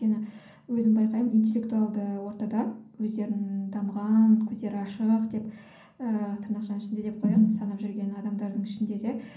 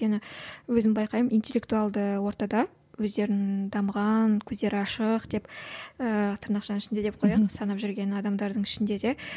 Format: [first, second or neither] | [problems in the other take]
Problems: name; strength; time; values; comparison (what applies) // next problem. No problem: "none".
second | room echo; dies away in 0.6 s